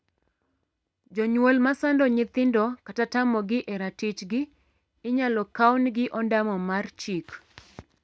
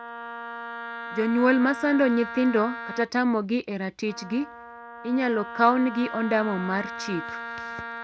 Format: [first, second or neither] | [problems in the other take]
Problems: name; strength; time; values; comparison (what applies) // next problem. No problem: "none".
first | background sound (Wind instrument, woodwind instrument); 11 dB below the speech